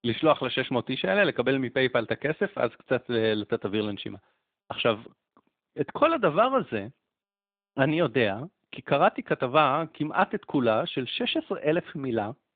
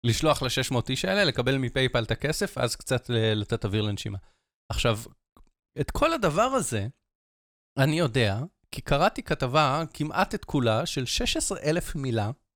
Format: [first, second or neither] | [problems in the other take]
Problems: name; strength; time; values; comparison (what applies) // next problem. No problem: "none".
second | phone-call audio; nothing above 3.5 kHz